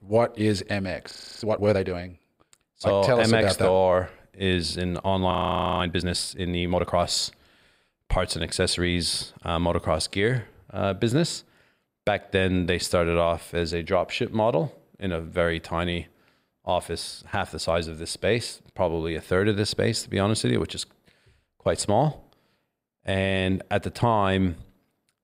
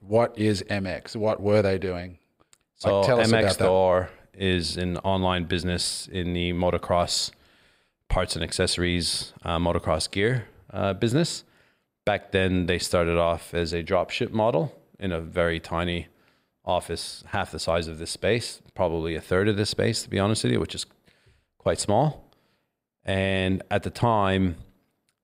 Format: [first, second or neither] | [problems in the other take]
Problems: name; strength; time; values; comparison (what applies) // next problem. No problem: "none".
second | audio freezing; at 1 s and at 5.5 s